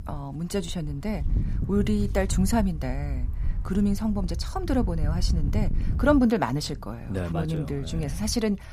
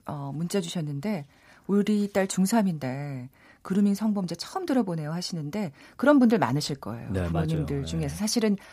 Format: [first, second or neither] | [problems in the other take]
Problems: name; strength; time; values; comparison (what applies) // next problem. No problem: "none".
second | wind noise on the microphone; occasional gusts; 15 dB below the speech